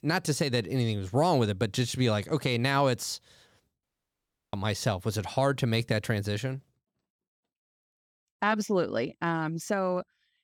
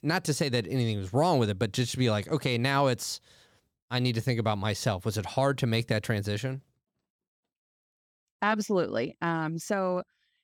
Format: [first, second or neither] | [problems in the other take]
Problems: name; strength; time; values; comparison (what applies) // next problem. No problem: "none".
second | audio cutting out; at 4 s for 0.5 s